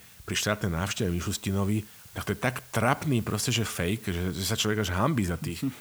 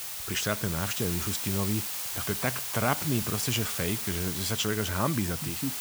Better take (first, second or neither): first